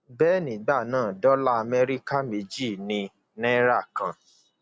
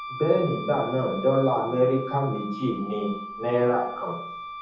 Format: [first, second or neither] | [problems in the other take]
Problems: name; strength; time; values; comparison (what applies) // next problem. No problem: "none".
first | background sound (Wind instrument, woodwind instrument); 11 dB below the speech // room echo; dies away in 0.7 s